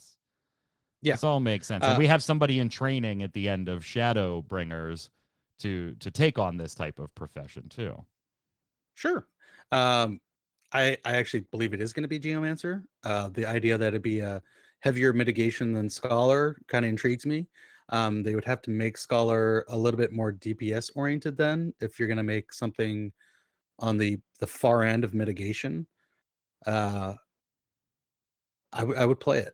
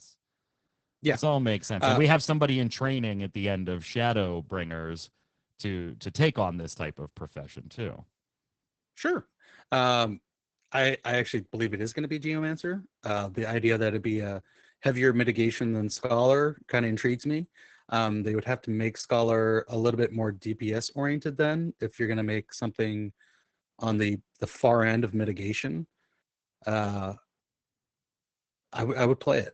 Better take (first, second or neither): first